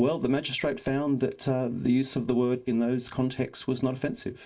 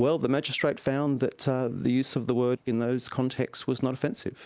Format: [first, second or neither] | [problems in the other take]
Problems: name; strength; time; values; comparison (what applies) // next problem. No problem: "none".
second | room echo; dies away in 0.1 s